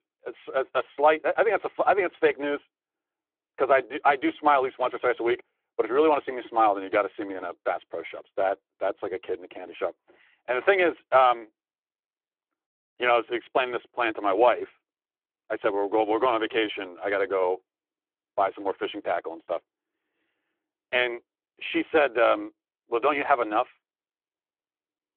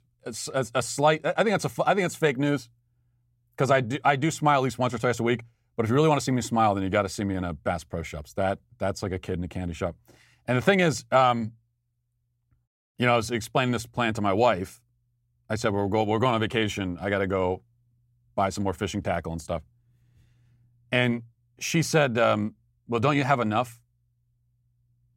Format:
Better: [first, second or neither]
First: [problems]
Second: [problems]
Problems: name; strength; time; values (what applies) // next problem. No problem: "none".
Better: second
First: phone-call audio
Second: none